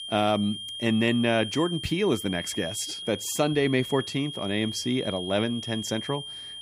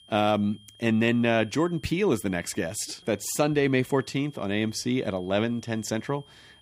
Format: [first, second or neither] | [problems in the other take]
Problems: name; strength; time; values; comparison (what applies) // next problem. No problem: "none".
second | high-pitched whine; loud; throughout; 3 kHz, 8 dB below the speech; faint in the second